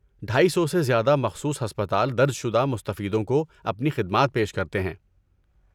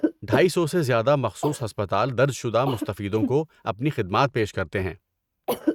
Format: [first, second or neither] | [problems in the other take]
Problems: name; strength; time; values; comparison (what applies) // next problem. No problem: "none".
first | noise reduction (neural mask model RNNoise)